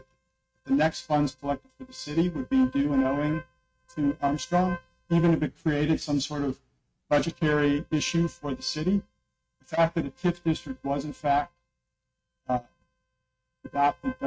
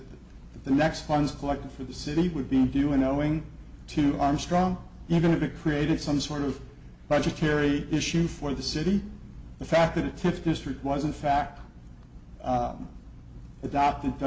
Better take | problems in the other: second | noise reduction (neural mask model RNNoise)

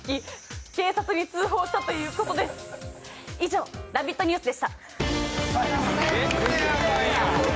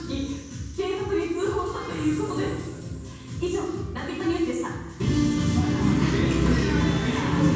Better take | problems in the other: first | room echo; dies away in 1.2 s

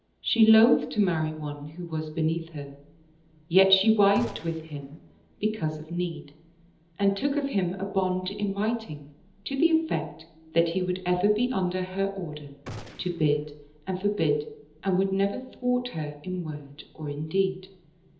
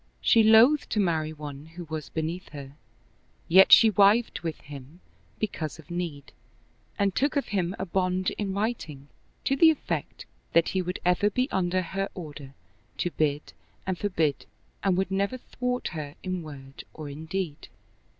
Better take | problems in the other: second | background sound (Gunshot, gunfire); 17 dB below the speech // room echo; dies away in 1.2 s

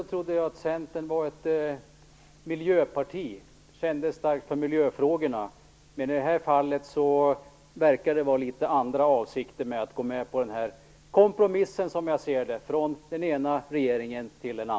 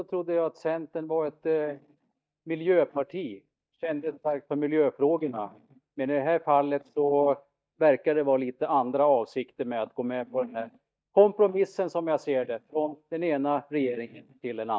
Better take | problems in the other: first | noise reduction (neural mask model DeepFilterNet 3)

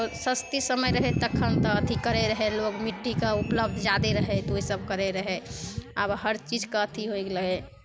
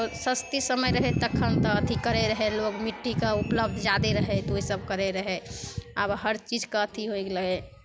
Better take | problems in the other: second | background sound (Alarm); 18 dB below the speech

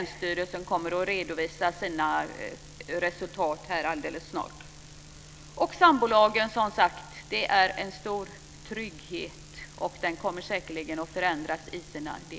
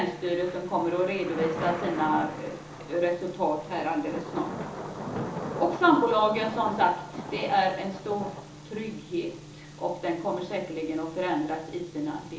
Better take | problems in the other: first | background sound (Thunder / Rain); 11 dB below the speech // room echo; dies away in 1.2 s

